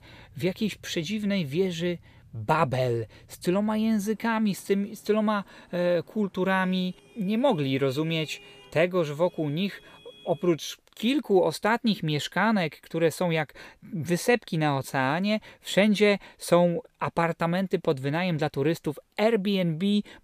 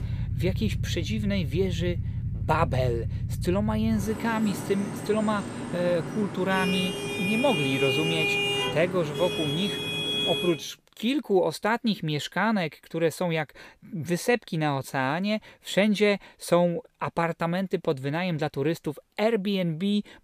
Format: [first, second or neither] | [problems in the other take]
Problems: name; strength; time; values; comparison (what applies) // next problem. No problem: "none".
first | traffic noise; loud; until 10 s; 2 dB below the speech; faint in the first